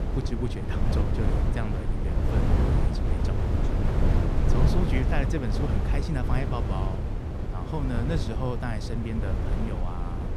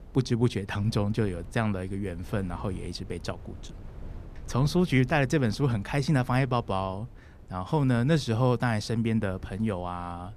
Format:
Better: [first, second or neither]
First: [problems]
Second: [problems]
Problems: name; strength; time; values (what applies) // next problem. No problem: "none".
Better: second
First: wind noise on the microphone; heavy; 1 dB above the speech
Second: wind noise on the microphone; occasional gusts; 25 dB below the speech